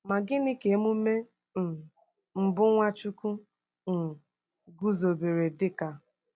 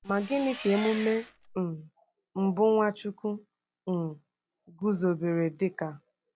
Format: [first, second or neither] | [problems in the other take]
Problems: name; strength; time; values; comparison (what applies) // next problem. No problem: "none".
first | background sound (Engine); 12 dB below the speech